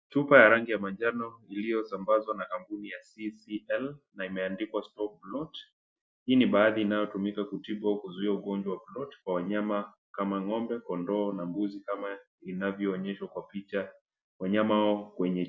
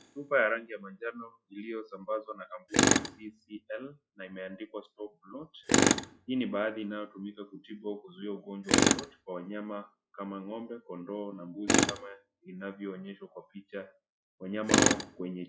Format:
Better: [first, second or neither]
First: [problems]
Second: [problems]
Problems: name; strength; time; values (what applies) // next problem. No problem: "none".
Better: first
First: none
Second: noise reduction (classical method log-MMSE)